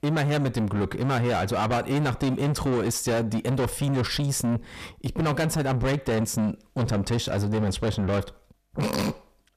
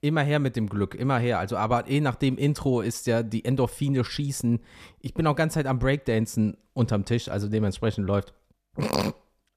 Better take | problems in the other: second | distortion; heavy; 7 dB below the speech

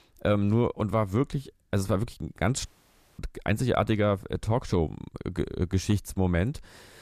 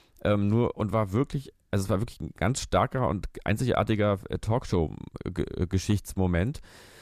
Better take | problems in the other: second | audio cutting out; at 2.5 s for 0.5 s

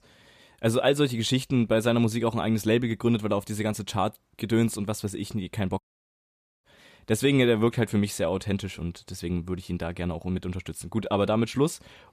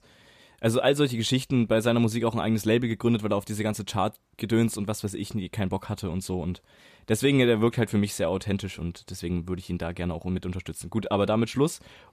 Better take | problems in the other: second | audio cutting out; at 6 s for 1 s

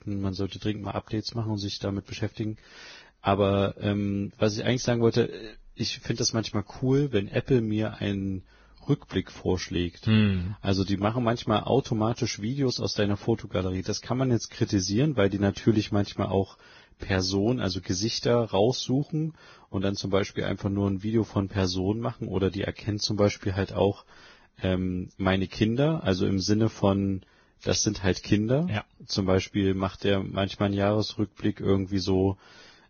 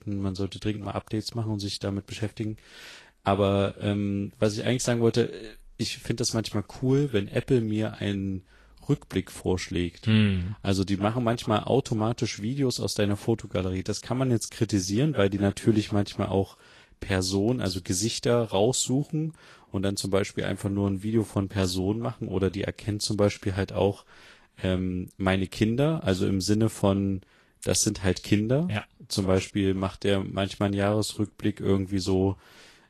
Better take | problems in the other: second | garbled, watery; badly; nothing above 6.5 kHz; slightly in the second

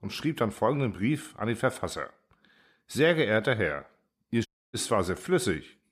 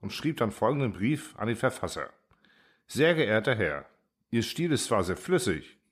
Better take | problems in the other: second | audio cutting out; at 4.5 s

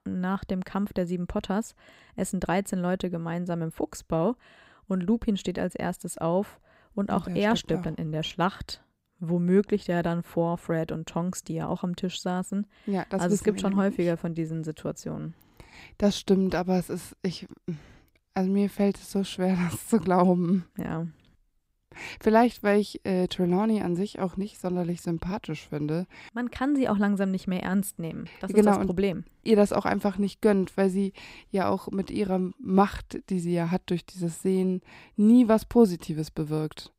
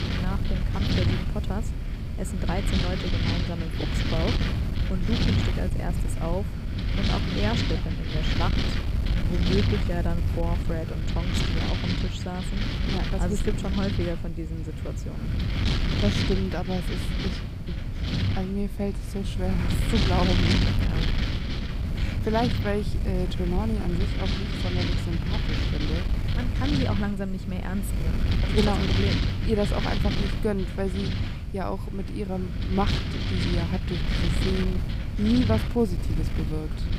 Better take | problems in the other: first | wind noise on the microphone; heavy; 1 dB above the speech

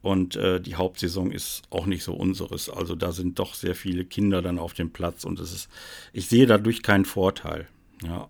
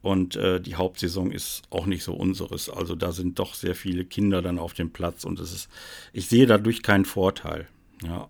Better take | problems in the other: neither | none

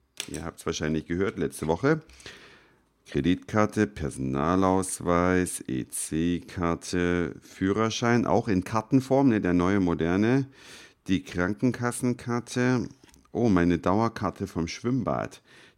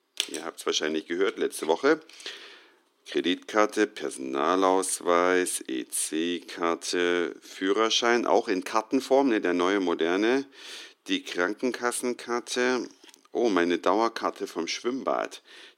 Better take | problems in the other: first | thin; somewhat; fading below 350 Hz

